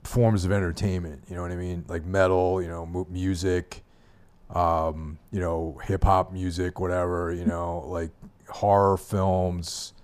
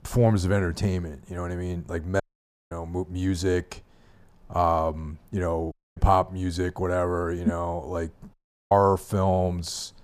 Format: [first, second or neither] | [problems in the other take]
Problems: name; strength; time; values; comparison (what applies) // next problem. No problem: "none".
first | audio cutting out; at 2 s for 0.5 s, at 5.5 s and at 8.5 s